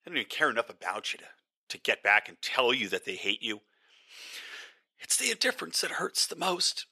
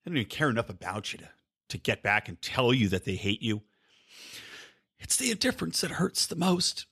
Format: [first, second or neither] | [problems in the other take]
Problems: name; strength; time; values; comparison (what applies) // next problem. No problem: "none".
second | thin; very; fading below 500 Hz